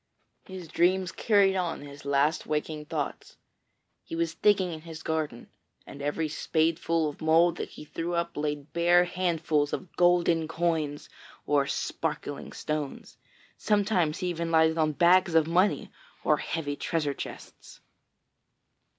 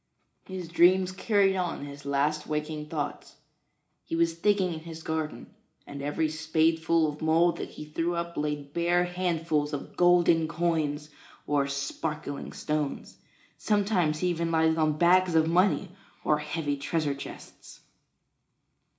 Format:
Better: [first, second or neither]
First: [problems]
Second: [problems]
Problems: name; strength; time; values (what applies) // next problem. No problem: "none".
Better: first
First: none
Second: room echo; dies away in 0.4 s